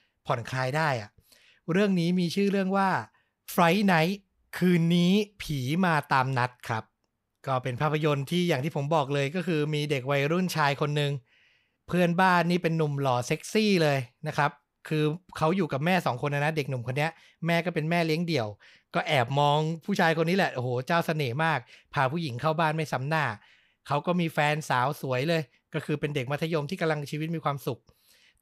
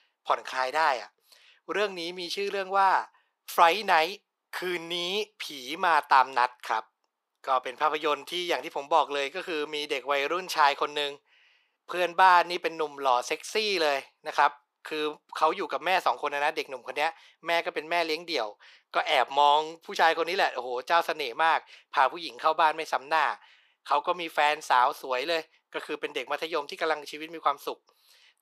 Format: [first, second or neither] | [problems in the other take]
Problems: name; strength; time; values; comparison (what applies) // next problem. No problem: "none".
first | thin; very; fading below 350 Hz